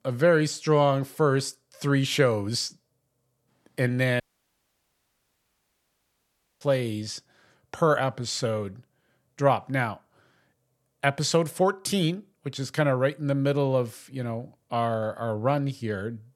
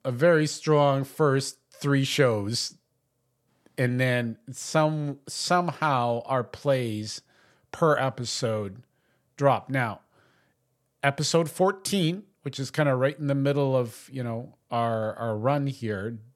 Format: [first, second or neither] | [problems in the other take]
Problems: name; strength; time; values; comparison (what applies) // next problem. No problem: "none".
second | audio cutting out; at 4 s for 2.5 s